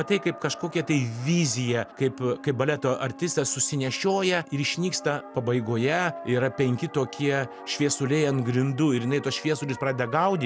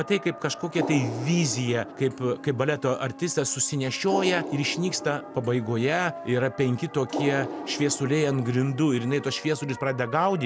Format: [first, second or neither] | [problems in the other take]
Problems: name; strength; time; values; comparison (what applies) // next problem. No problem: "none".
first | background sound (Water); 11 dB below the speech